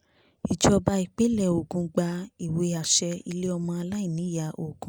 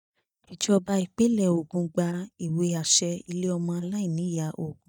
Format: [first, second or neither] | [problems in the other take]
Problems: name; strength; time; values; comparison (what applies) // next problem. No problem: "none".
first | noise reduction (neural mask model DeepFilterNet 3)